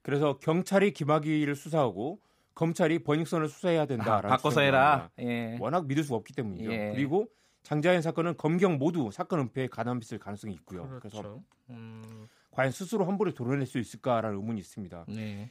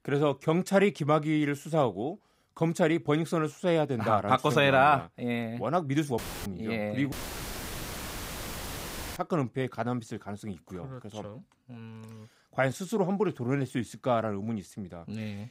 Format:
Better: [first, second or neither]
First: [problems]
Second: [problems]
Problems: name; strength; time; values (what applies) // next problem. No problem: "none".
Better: first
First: none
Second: audio cutting out; filled with static; at 6 s and at 7 s for 2 s